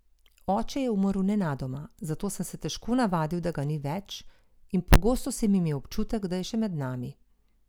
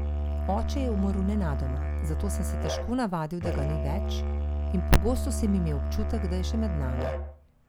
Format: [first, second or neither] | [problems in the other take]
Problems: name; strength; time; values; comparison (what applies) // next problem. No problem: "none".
first | background sound (Musical instrument); 1 dB above the speech